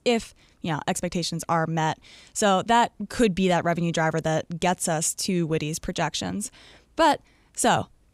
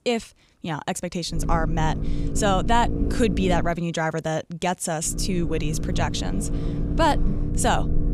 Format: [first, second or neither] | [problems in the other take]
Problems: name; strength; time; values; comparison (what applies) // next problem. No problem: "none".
first | low rumble; noticeable; from 1.5 to 3.5 s and from 5 s on; 10 dB below the speech